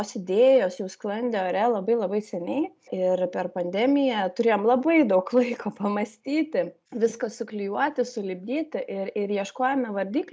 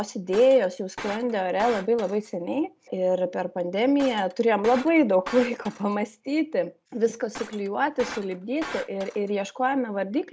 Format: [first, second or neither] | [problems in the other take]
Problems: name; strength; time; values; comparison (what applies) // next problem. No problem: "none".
first | background sound (Shatter); 15 dB below the speech